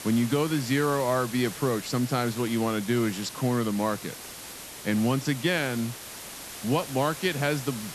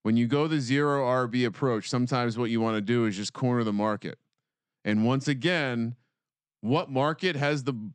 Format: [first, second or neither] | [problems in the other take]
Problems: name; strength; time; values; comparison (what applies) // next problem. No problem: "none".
second | hiss; noticeable; throughout; 10 dB below the speech